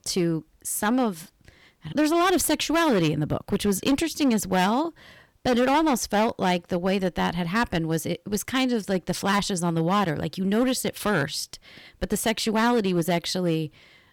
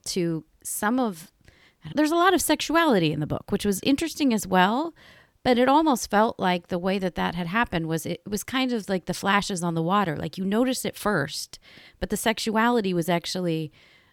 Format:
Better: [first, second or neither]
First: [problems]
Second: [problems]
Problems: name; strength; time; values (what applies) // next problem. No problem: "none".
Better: second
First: distortion; slight; 8% of the sound clipped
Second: none